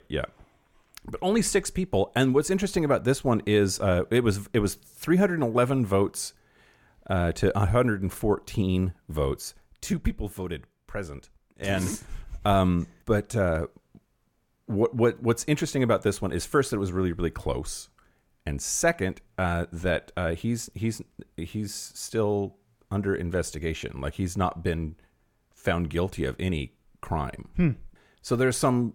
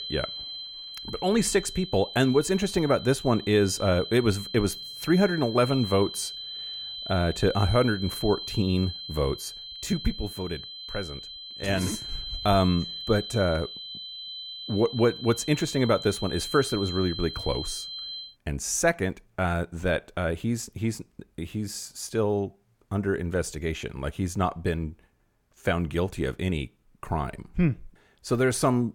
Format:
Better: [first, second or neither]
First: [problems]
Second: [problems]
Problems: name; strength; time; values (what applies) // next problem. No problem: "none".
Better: first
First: none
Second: high-pitched whine; loud; until 18 s; 4 kHz, 9 dB below the speech